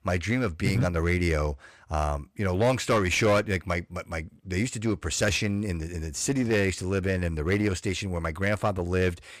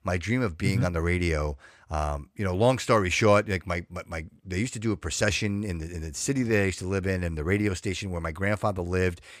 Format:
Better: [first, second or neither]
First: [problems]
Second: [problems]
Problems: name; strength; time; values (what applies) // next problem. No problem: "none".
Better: second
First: distortion; slight; 7% of the sound clipped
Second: none